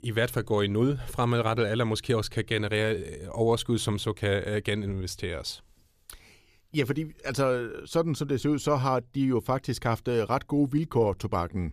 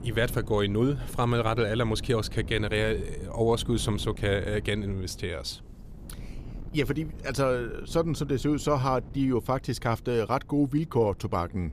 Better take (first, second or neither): first